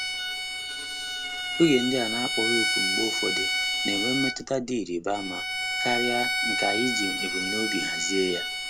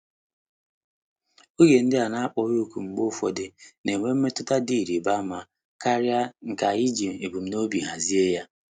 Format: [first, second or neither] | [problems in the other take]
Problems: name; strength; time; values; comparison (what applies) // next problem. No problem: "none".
second | background sound (Bowed string instrument); 1 dB above the speech